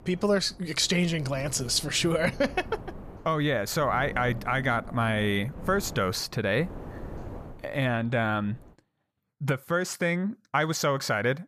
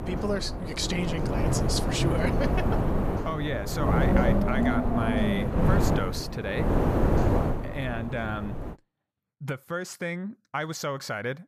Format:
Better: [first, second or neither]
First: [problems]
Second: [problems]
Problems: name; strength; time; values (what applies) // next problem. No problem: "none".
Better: first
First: wind noise on the microphone; occasional gusts; until 8.5 s; 20 dB below the speech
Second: wind noise on the microphone; heavy; until 8.5 s; 1 dB above the speech